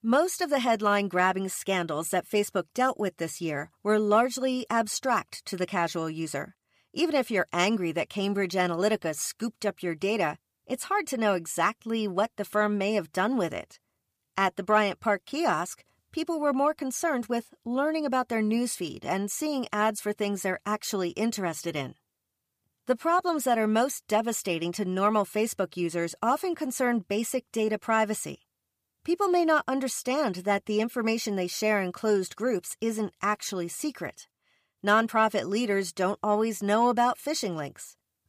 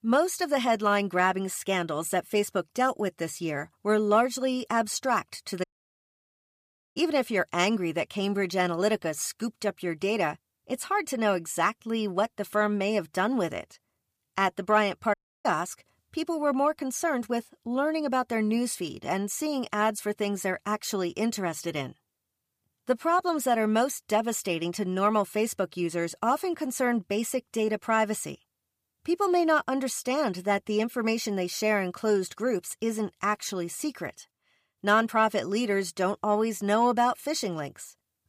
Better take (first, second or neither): first